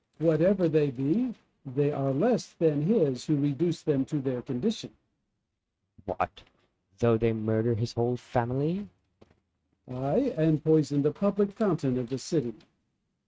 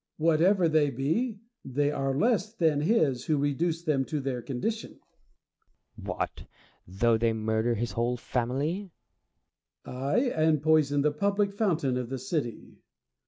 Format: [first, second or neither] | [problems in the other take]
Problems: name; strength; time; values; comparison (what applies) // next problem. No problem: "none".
second | noise reduction (neural mask model RNNoise)